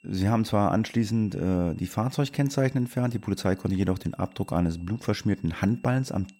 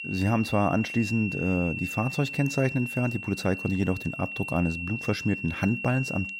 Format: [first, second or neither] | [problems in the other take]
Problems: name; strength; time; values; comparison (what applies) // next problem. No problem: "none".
first | high-pitched whine; loud; throughout; 2.5 kHz, 6 dB below the speech; faint in the first